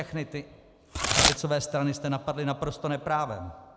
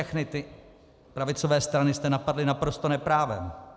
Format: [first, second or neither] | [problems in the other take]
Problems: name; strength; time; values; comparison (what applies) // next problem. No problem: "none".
second | background sound (Packing tape, duct tape / Tearing); 1 dB above the speech